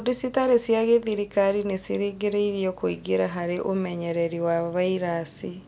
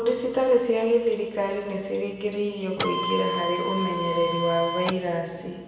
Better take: first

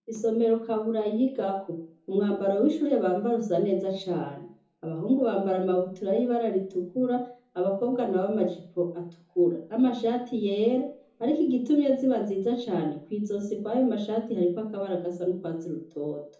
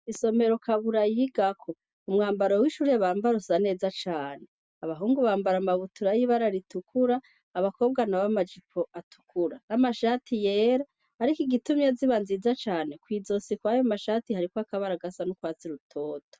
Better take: second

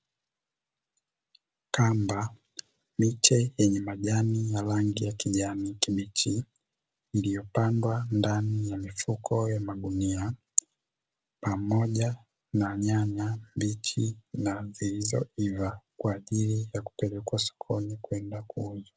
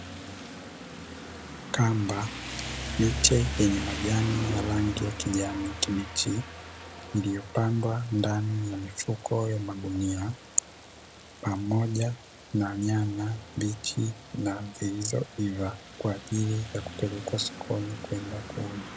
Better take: first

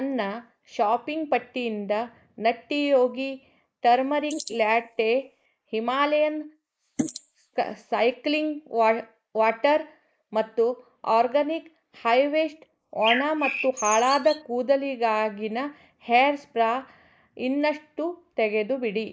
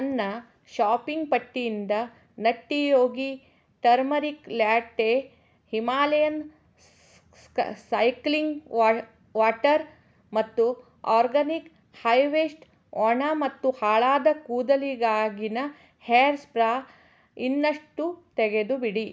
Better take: second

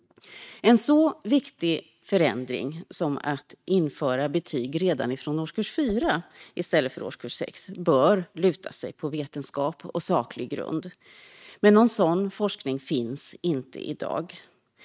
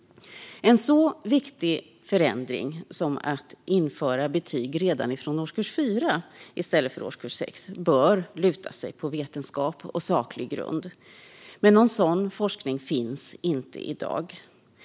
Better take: second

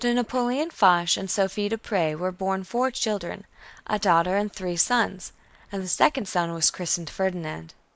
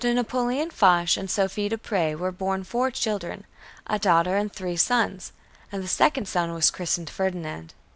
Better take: second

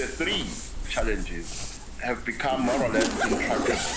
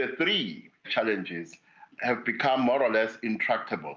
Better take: second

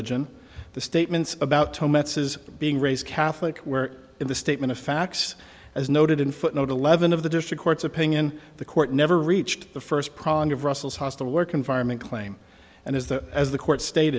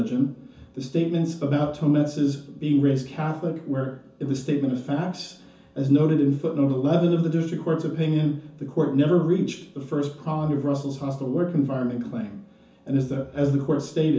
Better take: first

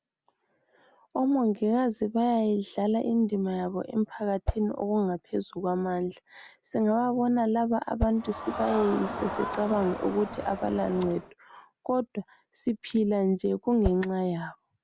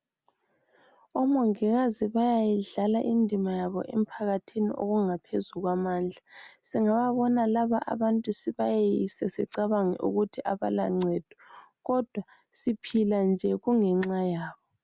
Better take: second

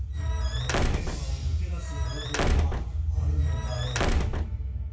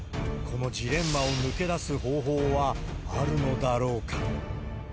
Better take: second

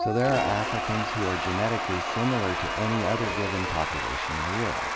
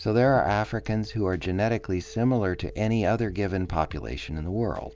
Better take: second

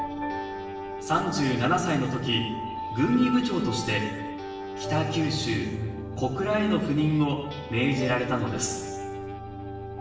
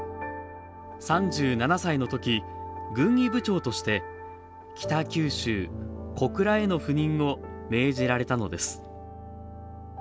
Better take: second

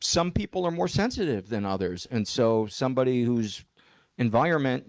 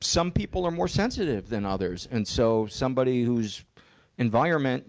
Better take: second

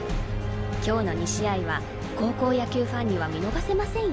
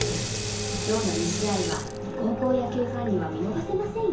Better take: first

